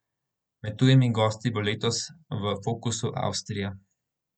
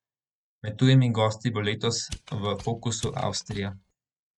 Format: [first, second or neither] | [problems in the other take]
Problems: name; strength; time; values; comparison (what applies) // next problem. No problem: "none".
first | noise reduction (neural mask model RNNoise)